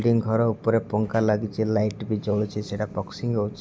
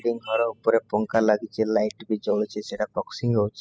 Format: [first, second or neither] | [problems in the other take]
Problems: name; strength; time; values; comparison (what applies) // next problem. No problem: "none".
first | noise reduction (classical method spectral subtraction)